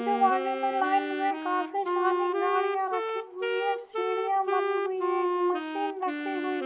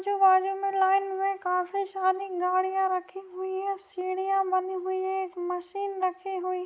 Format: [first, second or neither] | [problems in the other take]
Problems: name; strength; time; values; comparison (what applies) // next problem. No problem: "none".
second | background sound (Wind instrument, woodwind instrument); 1 dB below the speech // room echo; dies away in 1.8 s